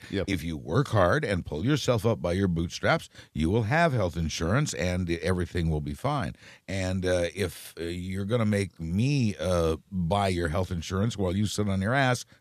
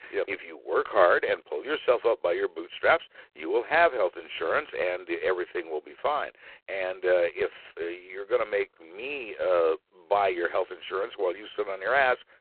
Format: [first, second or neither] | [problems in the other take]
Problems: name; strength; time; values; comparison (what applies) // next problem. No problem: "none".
first | phone-call audio; poor line; nothing above 4 kHz